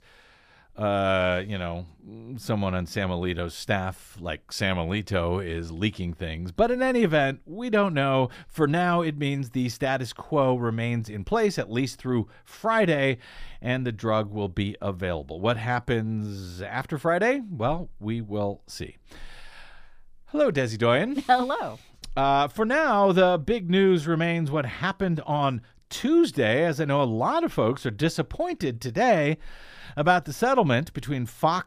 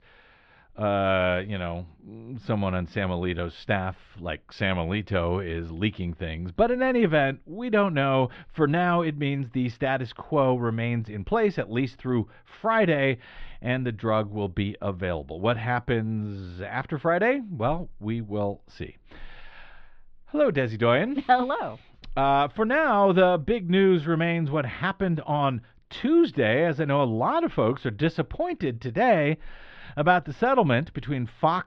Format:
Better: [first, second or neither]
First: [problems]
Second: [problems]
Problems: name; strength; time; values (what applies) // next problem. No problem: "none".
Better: first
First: none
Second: muffled; slightly; fading above 3.5 kHz